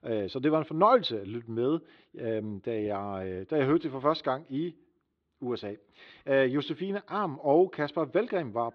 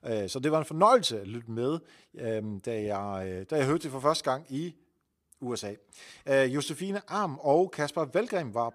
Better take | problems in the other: second | muffled; slightly; fading above 4 kHz

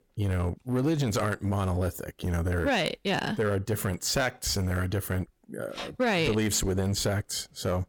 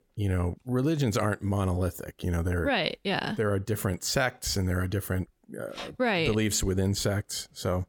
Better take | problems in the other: second | distortion; slight; 7% of the sound clipped

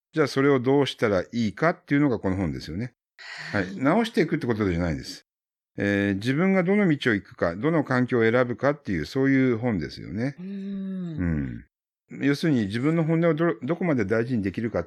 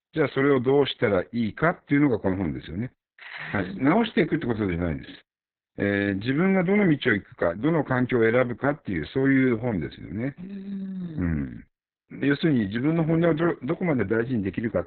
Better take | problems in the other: first | garbled, watery; badly; nothing above 4 kHz

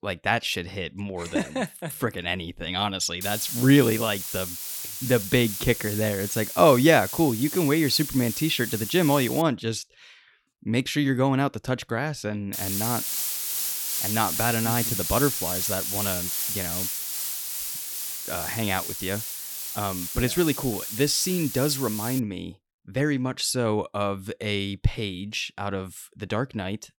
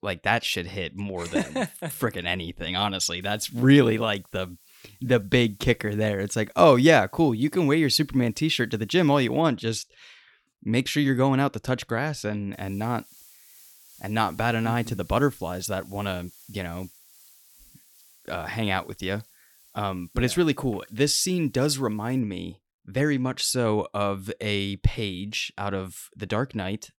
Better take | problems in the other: second | hiss; loud; from 3 to 9.5 s and from 13 to 22 s; 3 dB below the speech; faint in the second

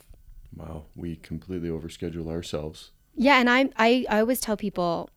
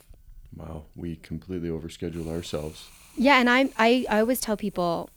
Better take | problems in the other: first | hiss; faint; from 2 s on; 25 dB below the speech

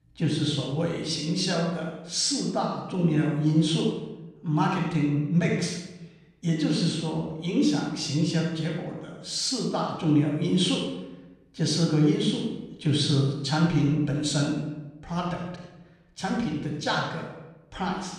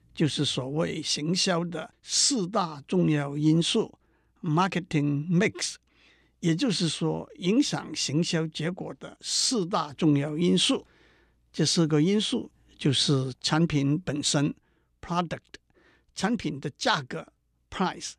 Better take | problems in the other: second | off-mic speech; far // room echo; noticeable; dies away in 0.8 s

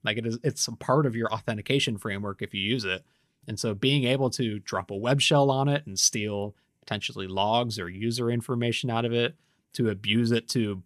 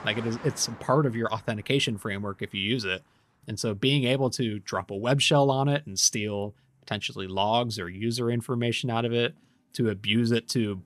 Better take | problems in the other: first | traffic noise; faint; throughout; 25 dB below the speech

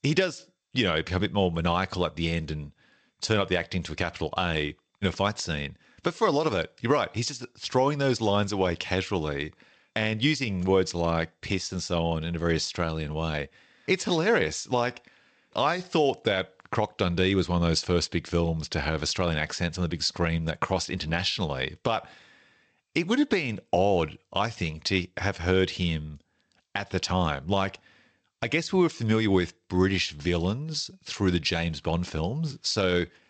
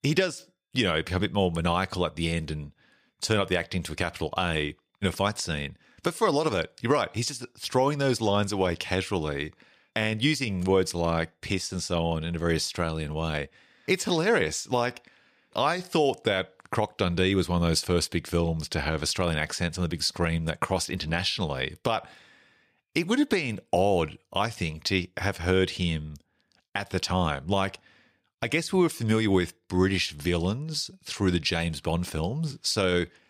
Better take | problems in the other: second | garbled, watery; slightly; nothing above 8 kHz

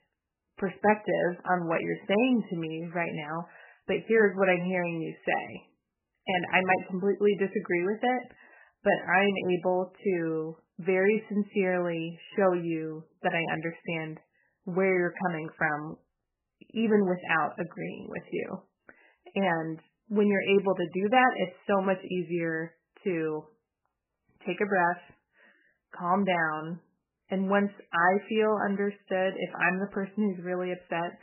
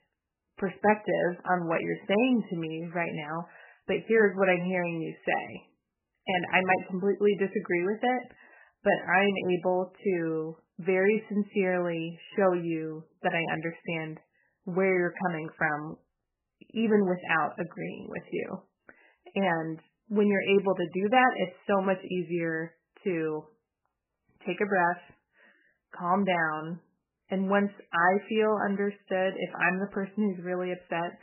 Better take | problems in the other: neither | garbled, watery; badly; nothing above 3 kHz; the same in both

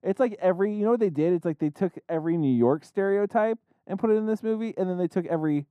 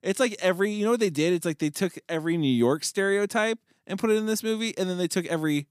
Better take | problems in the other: second | muffled; very; fading above 2 kHz

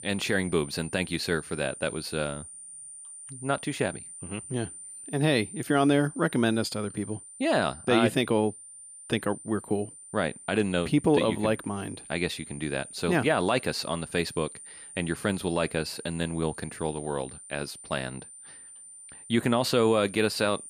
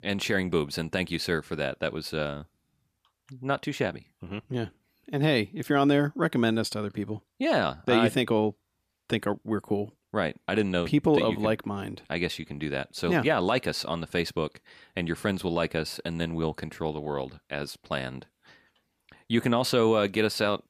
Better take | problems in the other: second | high-pitched whine; noticeable; throughout; 9 kHz, 15 dB below the speech

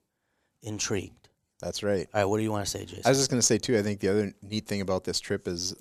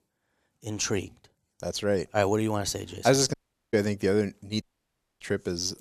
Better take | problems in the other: first | audio cutting out; at 3.5 s and at 4.5 s for 0.5 s

